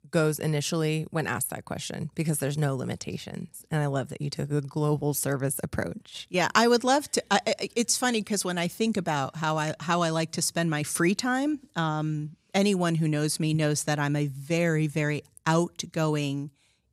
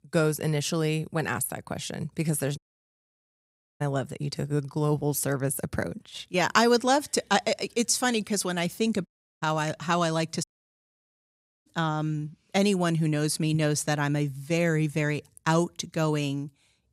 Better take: first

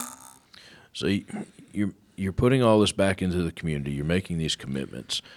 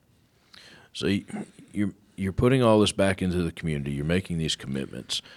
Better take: second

